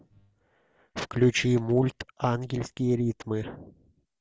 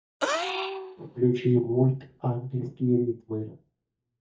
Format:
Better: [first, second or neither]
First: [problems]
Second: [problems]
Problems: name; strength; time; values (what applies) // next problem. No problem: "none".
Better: first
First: none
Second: noise reduction (neural mask model DeepFilterNet 3)